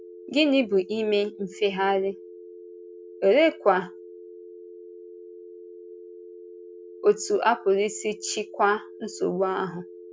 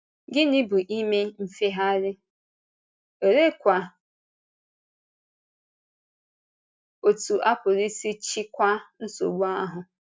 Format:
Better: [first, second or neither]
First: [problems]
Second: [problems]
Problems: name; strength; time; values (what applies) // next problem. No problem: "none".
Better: second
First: background sound (Telephone); 17 dB below the speech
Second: none